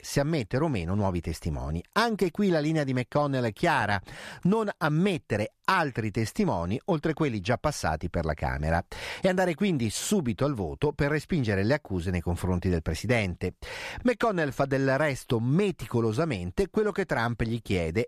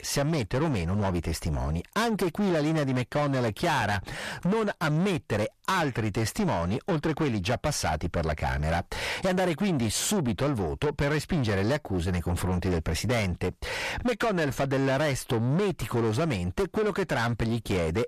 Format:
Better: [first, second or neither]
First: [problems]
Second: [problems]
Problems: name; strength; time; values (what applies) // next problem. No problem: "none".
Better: first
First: none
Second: distortion; heavy; 8 dB below the speech